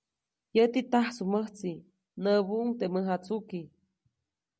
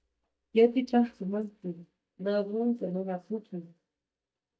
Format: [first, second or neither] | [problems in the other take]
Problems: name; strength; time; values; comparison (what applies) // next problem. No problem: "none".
first | noise reduction (neural mask model DeepFilterNet 3)